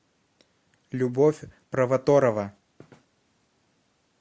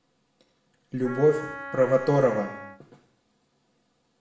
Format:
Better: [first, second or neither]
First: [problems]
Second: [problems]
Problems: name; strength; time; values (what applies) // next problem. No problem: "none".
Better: first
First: none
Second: background sound (Wind instrument, woodwind instrument); 12 dB below the speech // room echo; dies away in 0.7 s